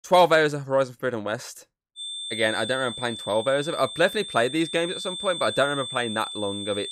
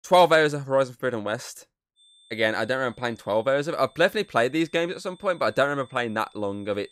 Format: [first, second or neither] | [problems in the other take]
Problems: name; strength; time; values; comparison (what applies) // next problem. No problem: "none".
second | high-pitched whine; loud; from 2 s on; 3.5 kHz, 8 dB below the speech; faint in the second